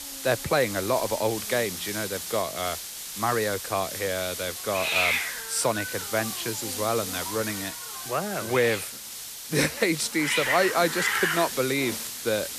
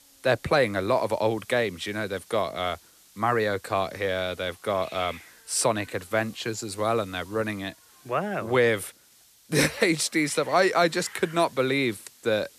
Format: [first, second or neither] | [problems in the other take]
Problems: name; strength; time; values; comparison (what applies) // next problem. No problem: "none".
second | hiss; loud; throughout; 3 dB below the speech; faint in the second